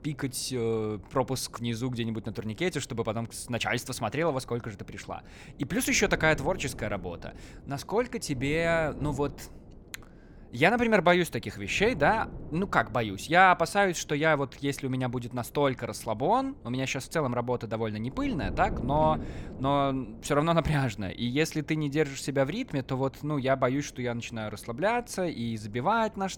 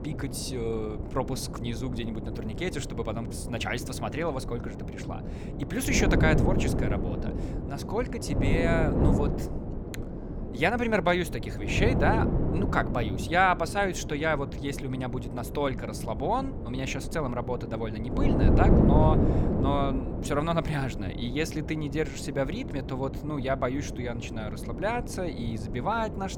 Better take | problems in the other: first | wind noise on the microphone; heavy; 6 dB below the speech; occasional gusts in the first

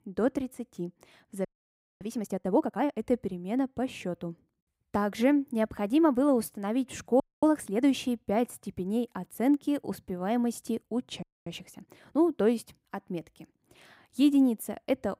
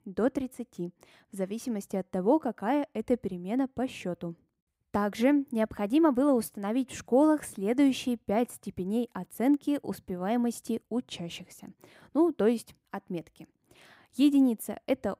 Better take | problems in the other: second | audio freezing; at 1.5 s for 0.5 s, at 7 s and at 11 s

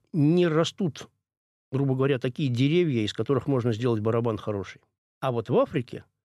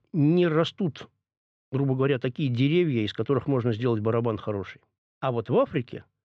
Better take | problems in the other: first | muffled; very slightly; fading above 3 kHz

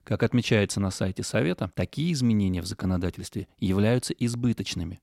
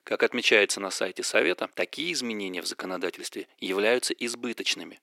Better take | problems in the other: first | thin; very; fading below 350 Hz

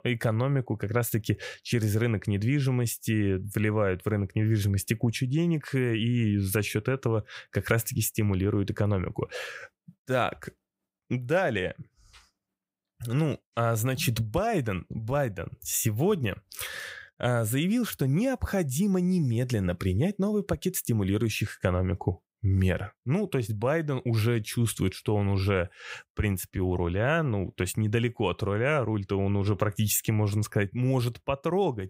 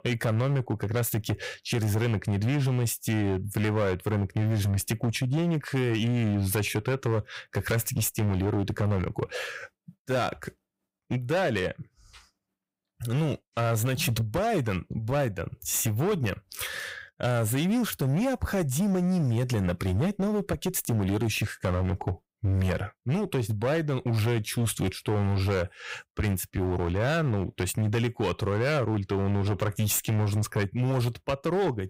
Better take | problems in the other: first | distortion; slight; 17% of the sound clipped

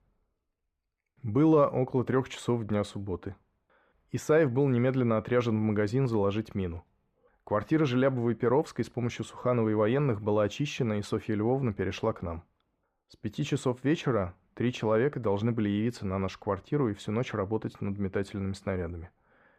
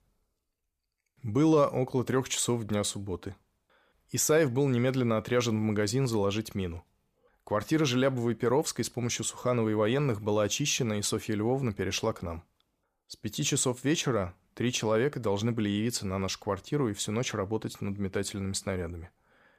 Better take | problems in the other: second | muffled; very; fading above 3.5 kHz

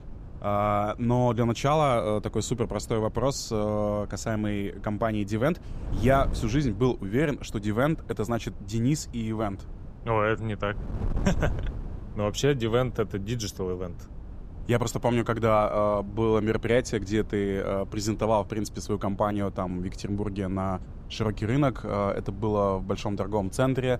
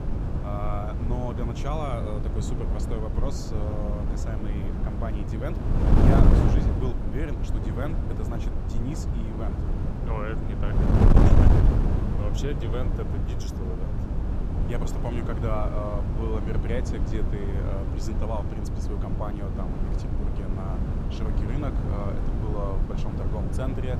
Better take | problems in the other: first | wind noise on the microphone; heavy; 1 dB above the speech; occasional gusts in the first

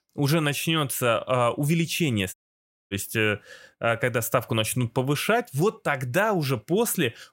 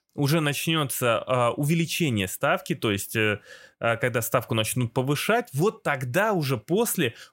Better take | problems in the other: second | audio cutting out; at 2.5 s for 0.5 s

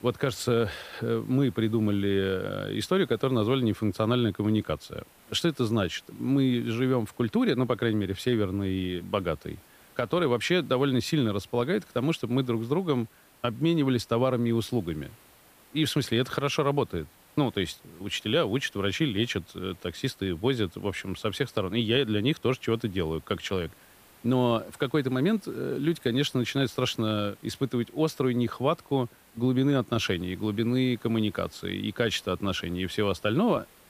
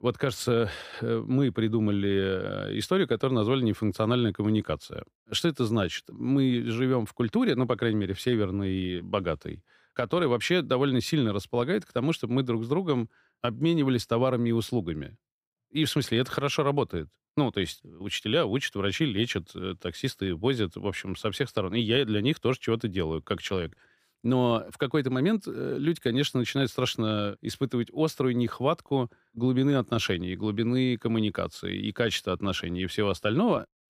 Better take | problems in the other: second | hiss; faint; throughout; 25 dB below the speech

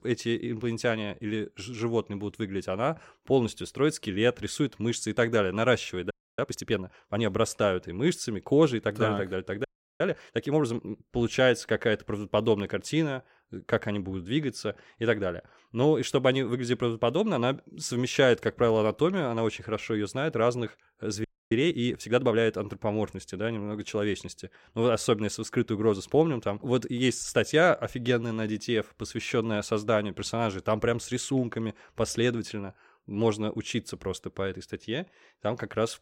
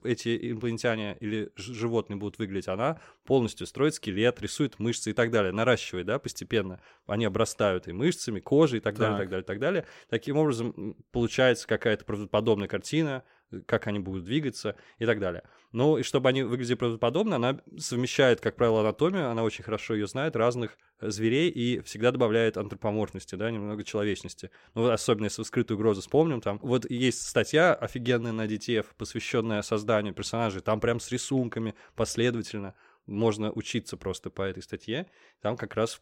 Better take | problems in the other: second | audio freezing; at 6 s, at 9.5 s and at 21 s

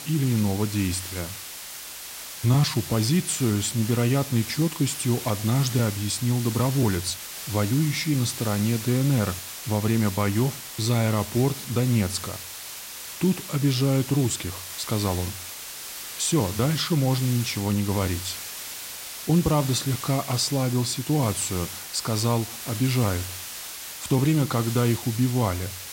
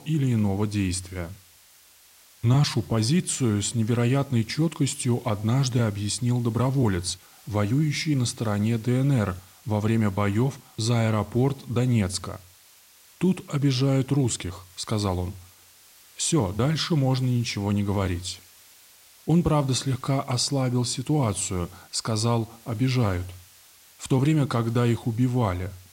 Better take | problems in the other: second | hiss; loud; throughout; 9 dB below the speech; faint in the second

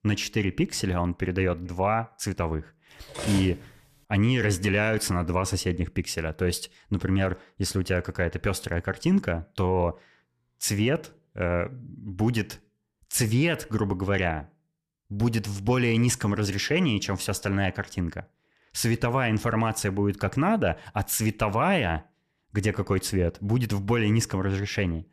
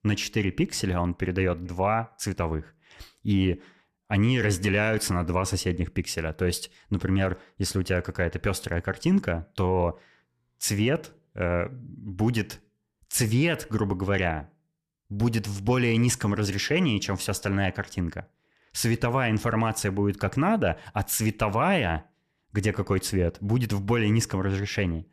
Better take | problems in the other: second | clattering dishes; noticeable; at 3 s; peak 6 dB below the speech

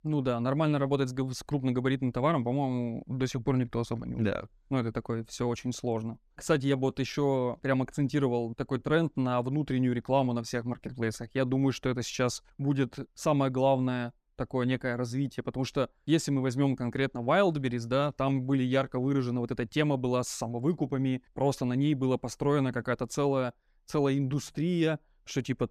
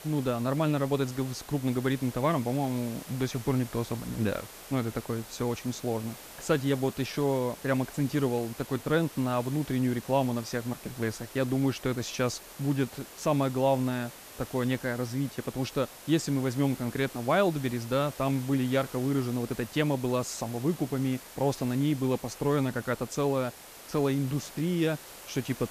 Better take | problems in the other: first | hiss; noticeable; throughout; 15 dB below the speech

